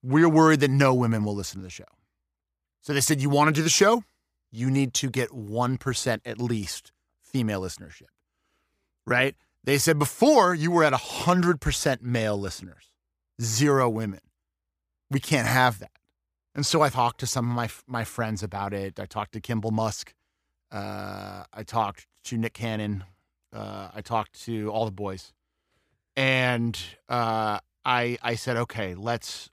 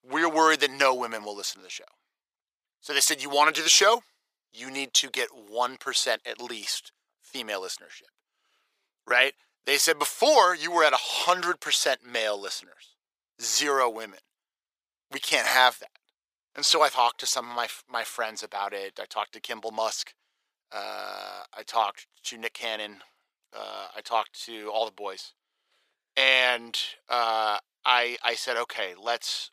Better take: first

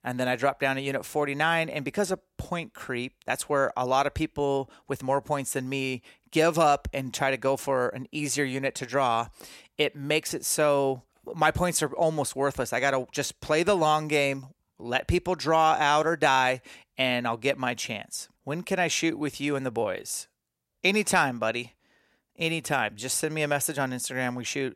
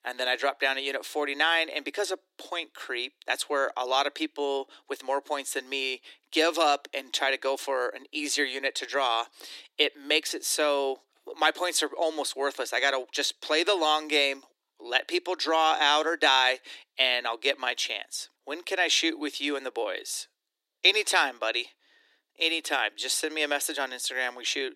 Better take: first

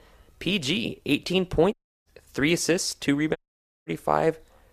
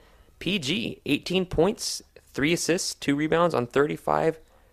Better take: second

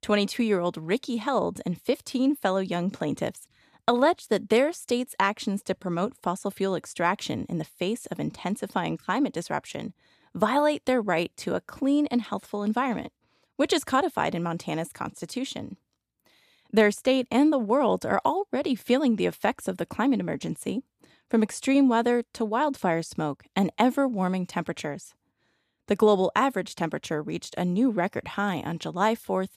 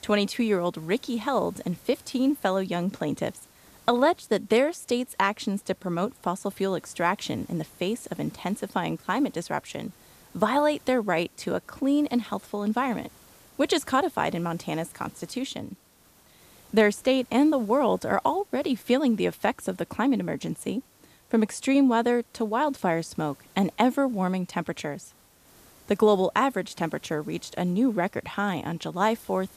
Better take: first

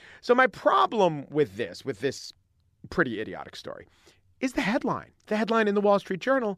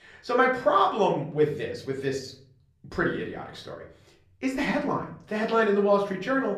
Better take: first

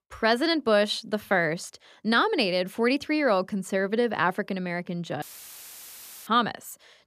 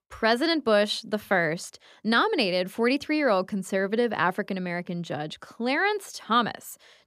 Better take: second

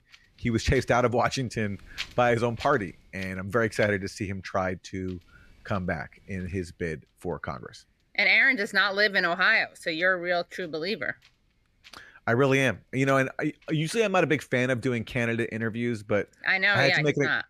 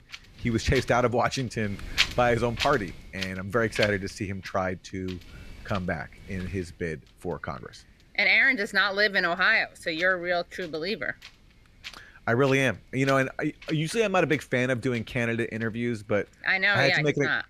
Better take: first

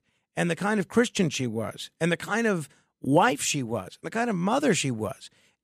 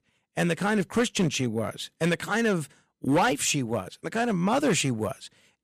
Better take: first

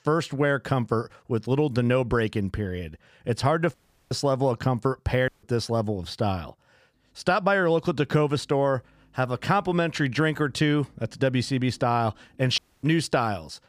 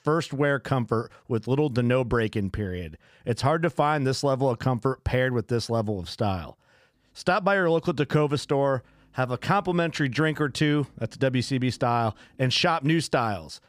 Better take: second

